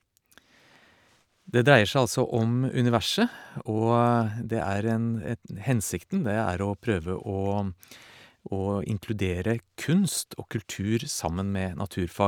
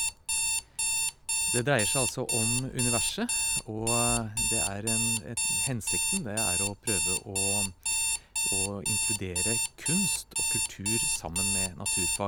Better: first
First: none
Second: background sound (Alarm); 4 dB above the speech

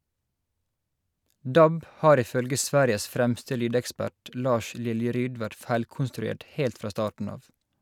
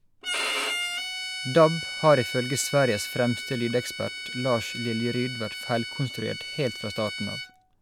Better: first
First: none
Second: background sound (Bowed string instrument); 7 dB below the speech

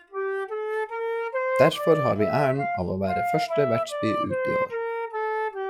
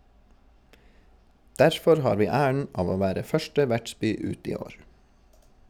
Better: second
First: noise reduction (classical method log-MMSE)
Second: none

